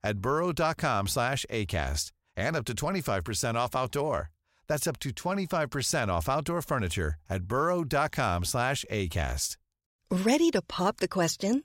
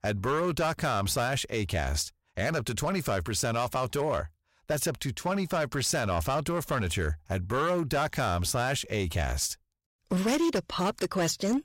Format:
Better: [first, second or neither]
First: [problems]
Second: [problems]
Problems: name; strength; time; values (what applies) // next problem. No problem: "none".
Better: first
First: none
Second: distortion; slight; 9% of the sound clipped